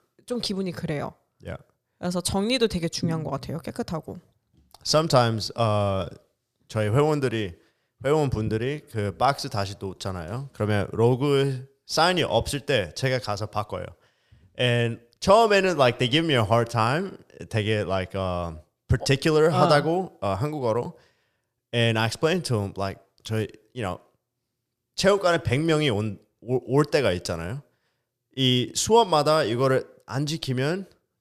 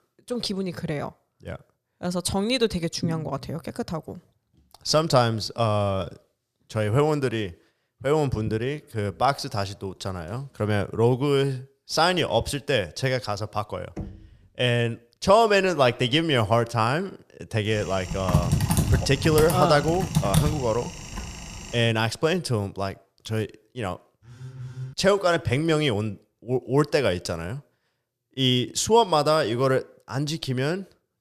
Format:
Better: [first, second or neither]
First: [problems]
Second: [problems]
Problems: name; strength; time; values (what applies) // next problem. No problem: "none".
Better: first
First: none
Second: door banging; faint; at 14 s; peak 15 dB below the speech // keyboard typing; loud; from 18 to 21 s; peak 2 dB above the speech // phone ringing; faint; at 24 s; peak 10 dB below the speech